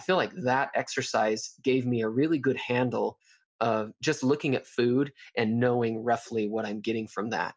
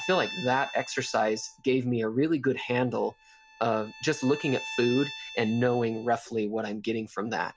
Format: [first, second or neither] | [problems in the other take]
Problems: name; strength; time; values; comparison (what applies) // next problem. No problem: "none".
first | background sound (Bowed string instrument); 15 dB below the speech